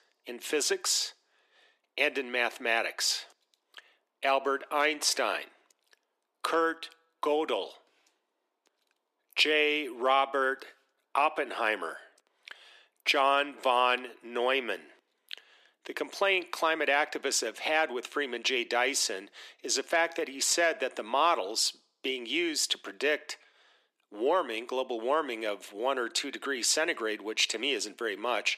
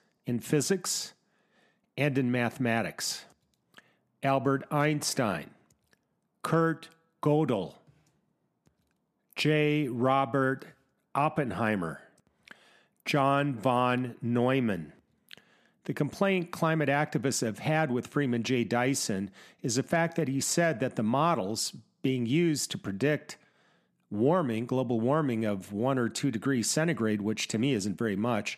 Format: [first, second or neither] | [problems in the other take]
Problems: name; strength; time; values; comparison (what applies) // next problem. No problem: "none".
second | thin; very; fading below 350 Hz